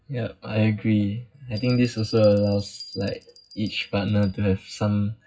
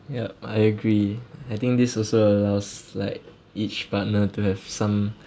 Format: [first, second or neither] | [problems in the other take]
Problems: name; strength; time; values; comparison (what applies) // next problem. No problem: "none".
second | noise reduction (classical method WPE with log-MMSE)